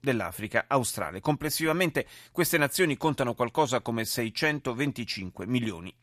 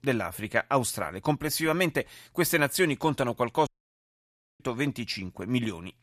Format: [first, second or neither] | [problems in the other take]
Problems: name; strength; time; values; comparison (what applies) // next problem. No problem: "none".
first | audio cutting out; at 3.5 s for 1 s